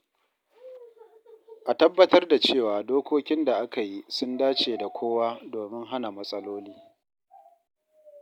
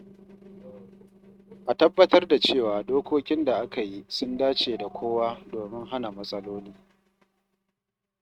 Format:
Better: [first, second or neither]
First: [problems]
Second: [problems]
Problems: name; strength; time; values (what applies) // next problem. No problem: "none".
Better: first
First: none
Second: noise reduction (neural mask model RNNoise)